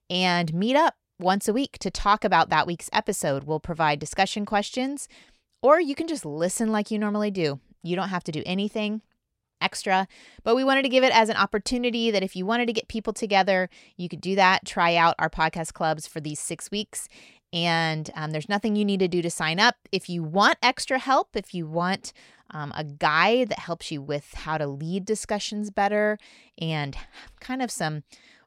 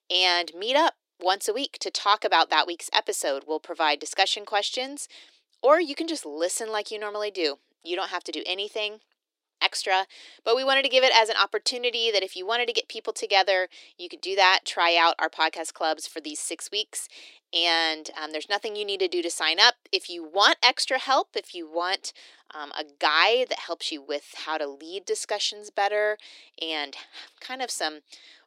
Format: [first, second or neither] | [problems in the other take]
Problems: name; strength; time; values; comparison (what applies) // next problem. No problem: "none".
first | thin; very; fading below 300 Hz